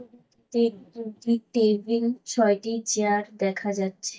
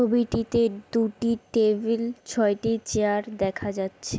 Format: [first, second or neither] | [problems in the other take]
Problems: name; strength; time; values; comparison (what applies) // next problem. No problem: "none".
second | noise reduction (neural mask model DeepFilterNet 3)